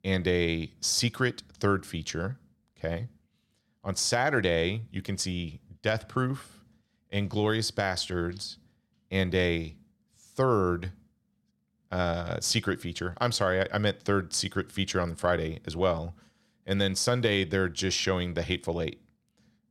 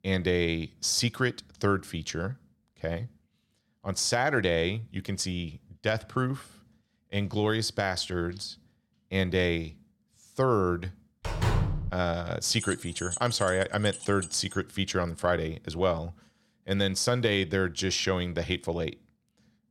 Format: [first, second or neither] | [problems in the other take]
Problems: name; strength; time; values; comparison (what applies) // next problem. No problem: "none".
first | door banging; loud; at 11 s; peak 1 dB above the speech // jangling keys; noticeable; from 13 to 15 s; peak 6 dB below the speech